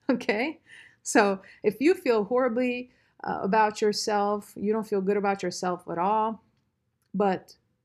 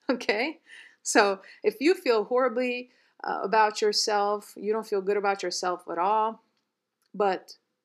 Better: first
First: none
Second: thin; very slightly; fading below 300 Hz

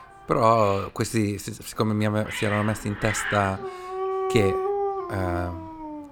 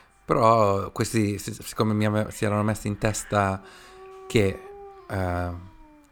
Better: second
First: animal sounds; loud; throughout; 5 dB below the speech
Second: animal sounds; faint; throughout; 25 dB below the speech

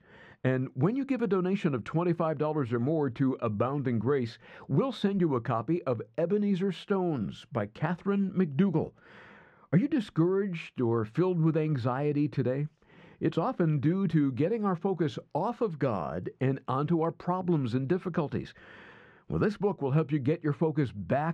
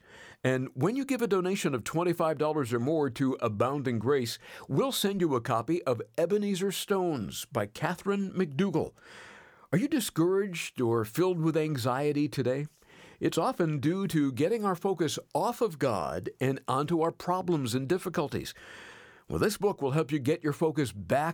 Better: second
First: muffled; slightly; fading above 2.5 kHz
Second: none

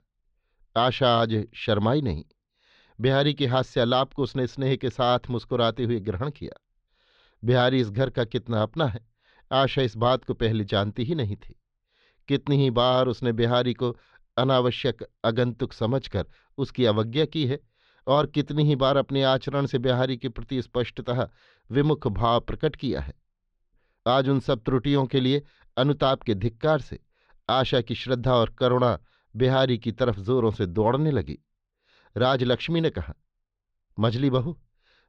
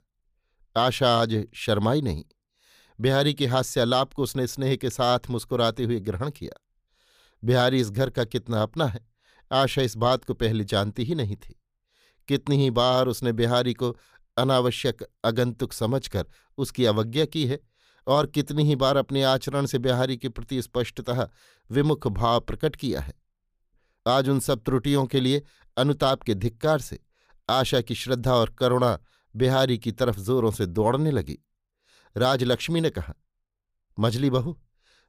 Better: second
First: muffled; very slightly; fading above 4 kHz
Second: none

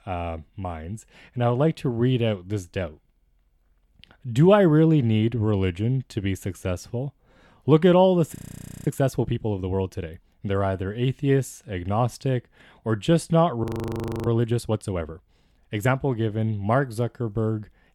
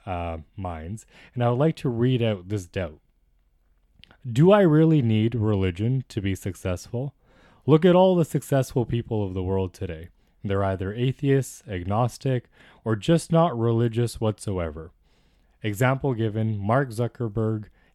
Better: second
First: audio freezing; at 8.5 s for 0.5 s and at 14 s for 0.5 s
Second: none

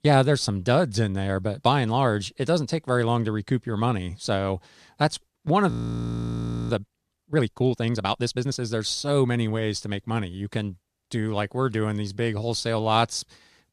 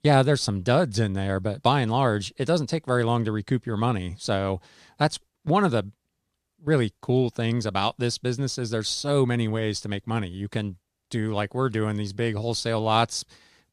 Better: second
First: audio freezing; at 5.5 s for 1 s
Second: none

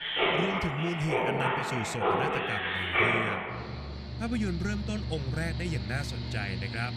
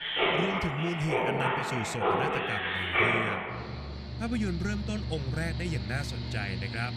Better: neither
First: machinery noise; very loud; throughout; 4 dB above the speech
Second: machinery noise; very loud; throughout; 4 dB above the speech

